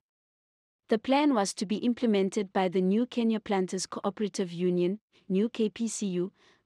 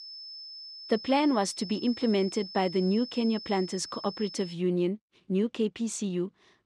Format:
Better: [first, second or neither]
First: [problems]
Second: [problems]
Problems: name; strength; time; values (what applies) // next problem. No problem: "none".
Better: first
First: none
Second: high-pitched whine; noticeable; until 4.5 s; 5 kHz, 10 dB below the speech